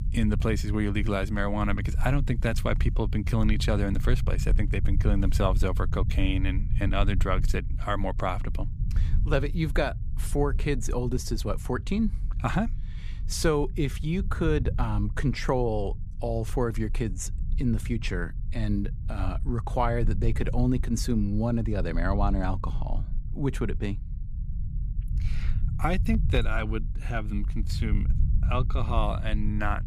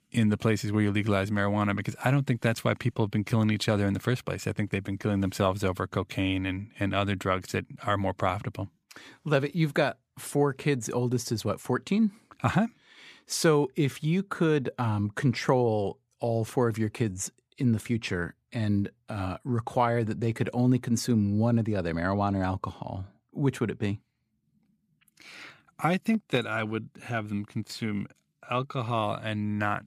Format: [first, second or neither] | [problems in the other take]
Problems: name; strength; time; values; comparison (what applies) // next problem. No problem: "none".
second | low rumble; noticeable; throughout; 15 dB below the speech